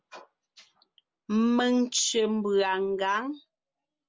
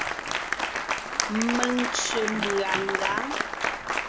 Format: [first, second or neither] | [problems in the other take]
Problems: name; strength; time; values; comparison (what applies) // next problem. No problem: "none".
first | background sound (Applause); 2 dB above the speech